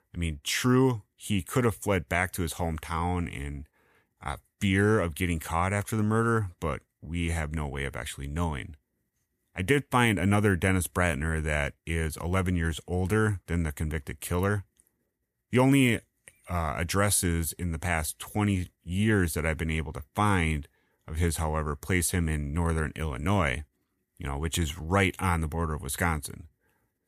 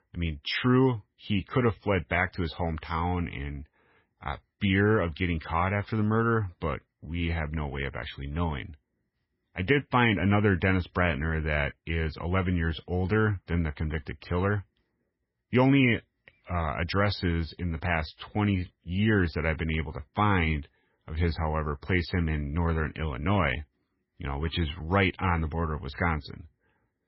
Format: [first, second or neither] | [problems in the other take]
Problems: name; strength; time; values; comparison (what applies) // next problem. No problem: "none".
first | garbled, watery; badly; nothing above 5.5 kHz